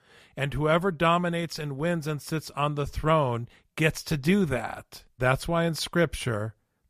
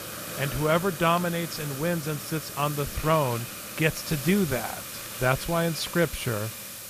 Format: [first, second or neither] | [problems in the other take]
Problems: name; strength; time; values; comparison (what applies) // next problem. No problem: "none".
first | hiss; loud; throughout; 8 dB below the speech